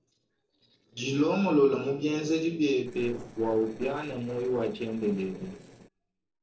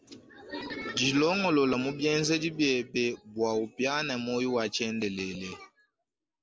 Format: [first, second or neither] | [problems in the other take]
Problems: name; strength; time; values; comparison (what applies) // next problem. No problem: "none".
second | noise reduction (neural separator model SepFormer DNS4)